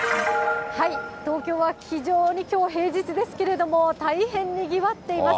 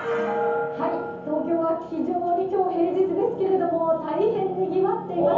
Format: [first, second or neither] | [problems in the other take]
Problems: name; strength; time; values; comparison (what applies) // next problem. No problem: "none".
first | room echo; dies away in 0.7 s